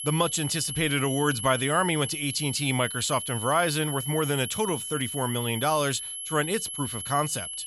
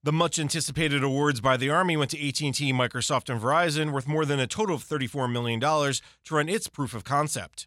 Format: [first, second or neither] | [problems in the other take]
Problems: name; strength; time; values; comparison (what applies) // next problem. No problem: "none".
second | high-pitched whine; loud; throughout; 11 kHz, 5 dB below the speech